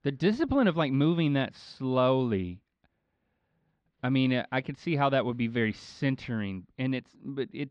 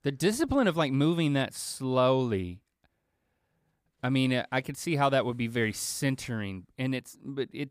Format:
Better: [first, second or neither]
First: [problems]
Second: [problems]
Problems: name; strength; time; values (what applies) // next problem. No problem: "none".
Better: second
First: muffled; slightly; fading above 4 kHz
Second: none